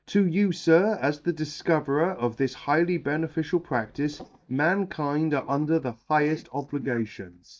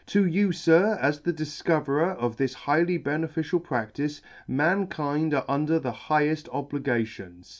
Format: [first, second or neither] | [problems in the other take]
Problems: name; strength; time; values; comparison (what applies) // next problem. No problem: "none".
second | noise reduction (neural mask model DeepFilterNet 3)